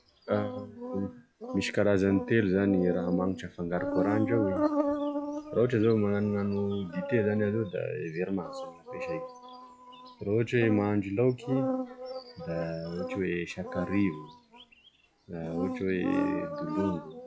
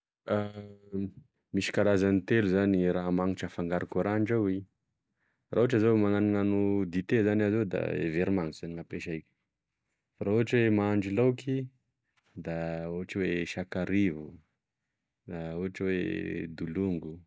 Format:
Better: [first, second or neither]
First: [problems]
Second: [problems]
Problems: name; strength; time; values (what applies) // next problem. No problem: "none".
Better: second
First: noise reduction (classical method log-MMSE)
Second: none